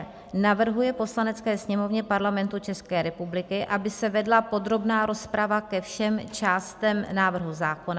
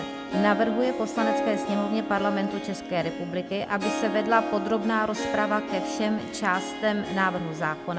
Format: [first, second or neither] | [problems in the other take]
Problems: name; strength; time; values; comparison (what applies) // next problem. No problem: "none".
first | background sound (Harp); 4 dB below the speech